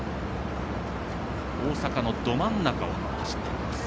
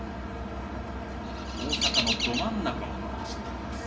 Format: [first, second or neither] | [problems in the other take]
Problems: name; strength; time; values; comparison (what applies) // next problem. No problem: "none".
first | background sound (Chirp, tweet); as loud as the speech // room echo; dies away in 2.3 s